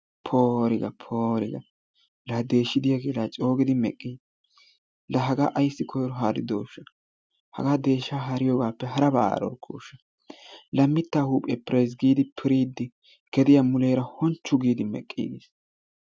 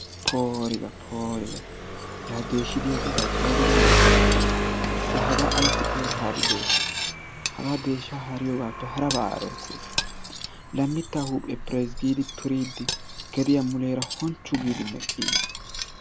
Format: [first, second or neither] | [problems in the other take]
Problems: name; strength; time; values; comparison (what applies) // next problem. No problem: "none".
first | background sound (Engine + Cutlery, silverware); 3 dB above the speech